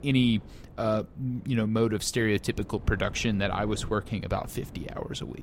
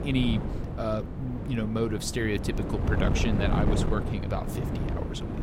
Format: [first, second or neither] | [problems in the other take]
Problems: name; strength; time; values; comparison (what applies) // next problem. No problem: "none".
first | wind noise on the microphone; heavy; 4 dB below the speech; occasional gusts in the first